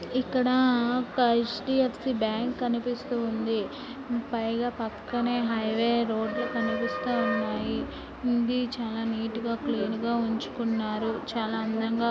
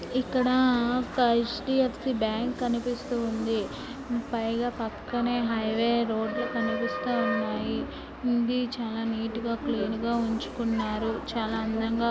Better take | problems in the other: first | background sound (Vehicle); 19 dB below the speech

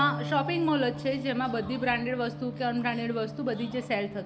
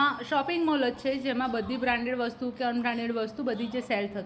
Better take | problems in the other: second | background sound (Electric guitar); 9 dB below the speech

